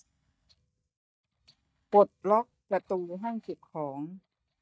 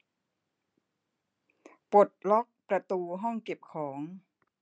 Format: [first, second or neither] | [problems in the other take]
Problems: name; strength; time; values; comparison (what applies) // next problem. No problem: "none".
second | noise reduction (neural mask model DeepFilterNet 3)